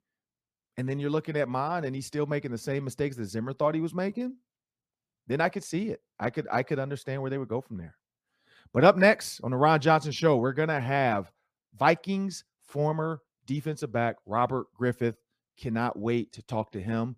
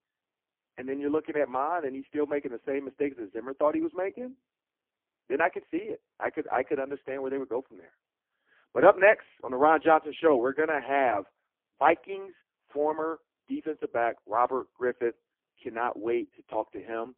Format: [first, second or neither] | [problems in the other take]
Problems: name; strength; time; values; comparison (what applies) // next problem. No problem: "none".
first | phone-call audio; poor line